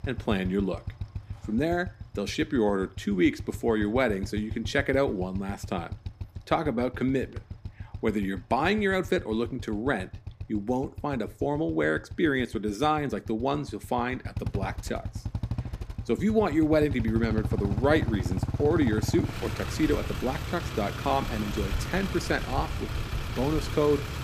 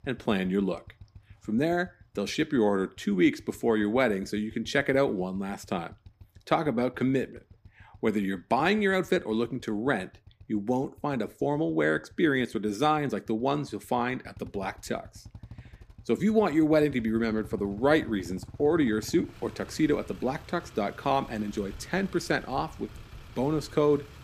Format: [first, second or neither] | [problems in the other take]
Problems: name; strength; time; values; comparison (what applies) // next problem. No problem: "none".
second | traffic noise; loud; throughout; 8 dB below the speech; faint in the second